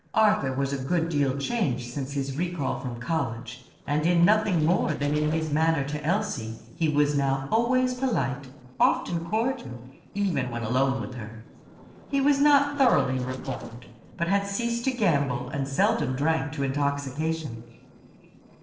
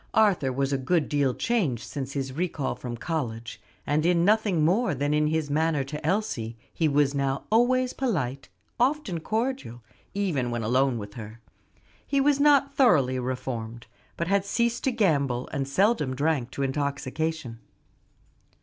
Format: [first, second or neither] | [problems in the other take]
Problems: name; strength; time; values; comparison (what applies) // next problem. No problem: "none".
second | noise reduction (neural separator model SepFormer DNS4)